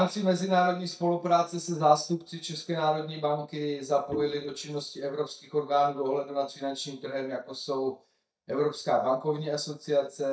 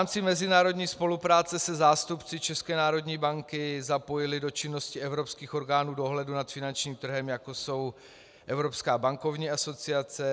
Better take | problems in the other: second | noise reduction (neural mask model DeepFilterNet 3)

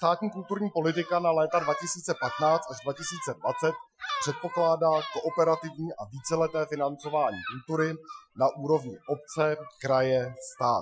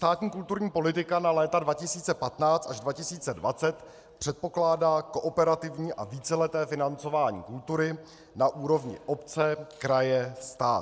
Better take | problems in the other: second | noise reduction (classical method Wiener filter)

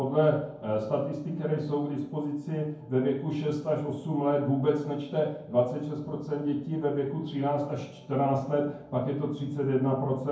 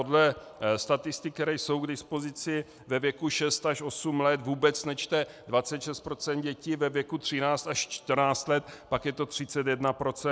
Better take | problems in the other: second | room echo; dies away in 0.9 s

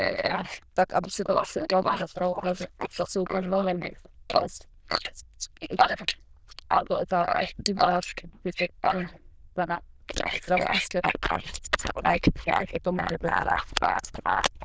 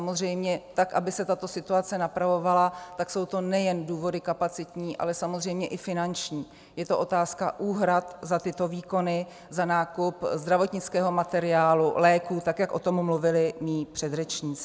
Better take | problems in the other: second | noise reduction (neural diffusion model UNIVERSE++)

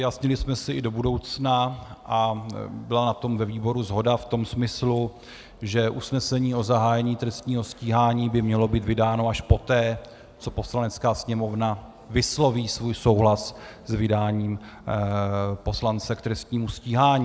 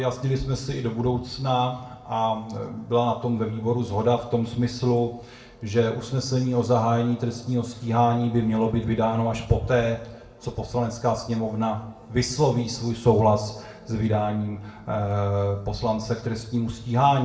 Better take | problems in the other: first | room echo; dies away in 0.6 s

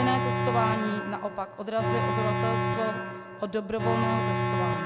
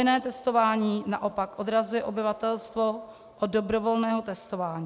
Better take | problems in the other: second | background sound (Alarm); 2 dB above the speech

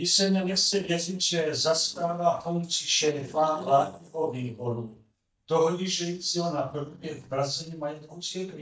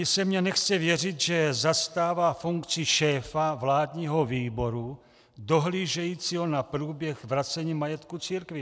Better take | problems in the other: second | noise reduction (neural mask model DeepFilterNet 3)

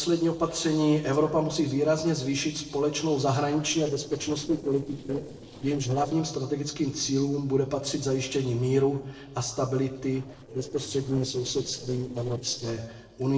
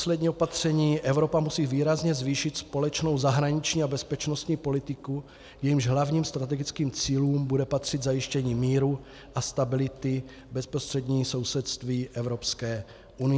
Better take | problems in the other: second | noise reduction (neural separator model SepFormer DNS4)

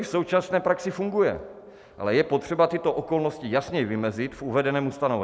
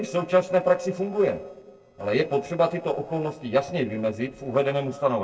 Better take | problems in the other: first | noise reduction (neural separator model SepFormer DNS4)

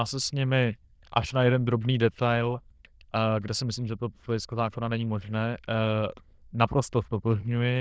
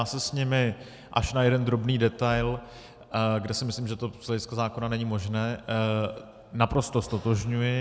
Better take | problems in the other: second | noise reduction (neural diffusion model UNIVERSE++)

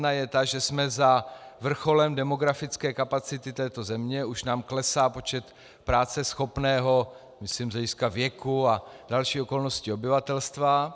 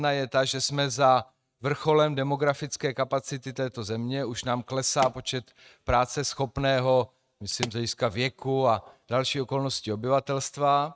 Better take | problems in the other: first | noise reduction (neural mask model RNNoise)

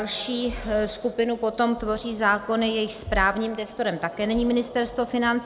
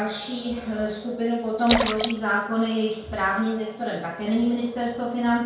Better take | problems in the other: first | background sound (Splash, splatter); 5 dB below the speech // room echo; dies away in 0.5 s

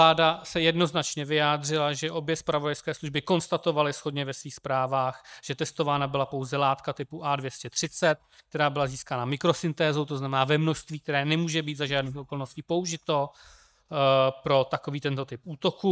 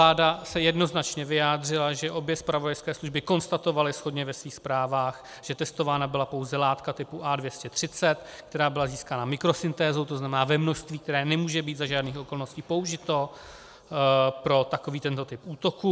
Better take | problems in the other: second | noise reduction (neural mask model DeepFilterNet 3)

